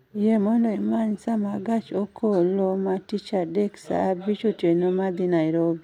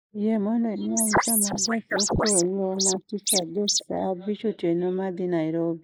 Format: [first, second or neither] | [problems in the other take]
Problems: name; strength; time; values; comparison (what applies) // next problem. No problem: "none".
first | noise reduction (neural mask model Resemble Enhance denoiser)